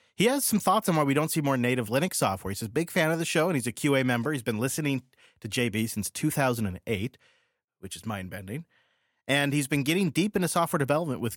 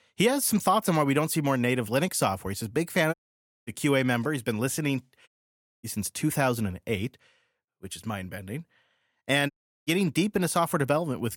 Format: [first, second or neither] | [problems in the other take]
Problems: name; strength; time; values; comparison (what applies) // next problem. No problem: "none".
first | audio cutting out; at 3 s for 0.5 s, at 5.5 s for 0.5 s and at 9.5 s